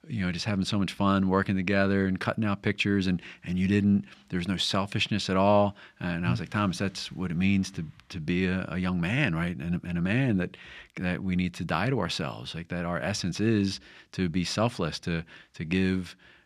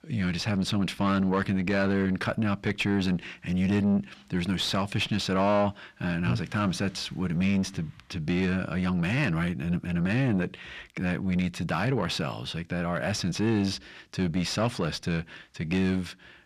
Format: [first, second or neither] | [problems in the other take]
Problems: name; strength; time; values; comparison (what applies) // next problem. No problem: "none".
first | distortion; slight; 10 dB below the speech